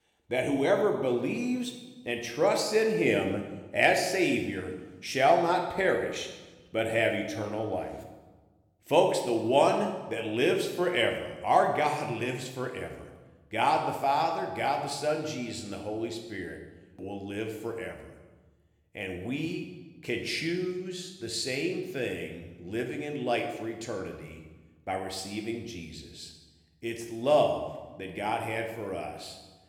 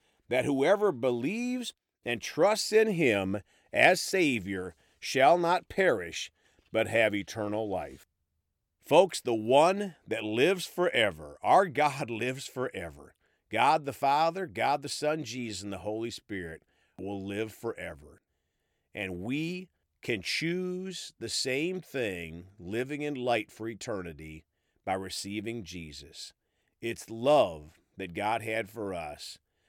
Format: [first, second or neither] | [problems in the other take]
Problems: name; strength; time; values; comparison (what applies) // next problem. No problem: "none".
second | room echo; noticeable; dies away in 1 s